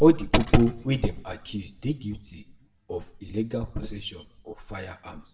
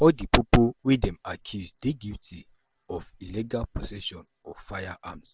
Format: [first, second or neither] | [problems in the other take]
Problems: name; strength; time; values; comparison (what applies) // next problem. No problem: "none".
second | room echo; dies away in 0.6 s